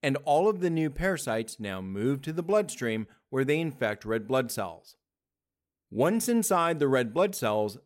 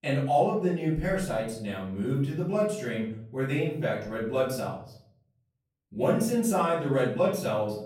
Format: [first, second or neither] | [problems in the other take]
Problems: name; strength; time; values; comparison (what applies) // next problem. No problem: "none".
first | off-mic speech; far // room echo; noticeable; dies away in 0.7 s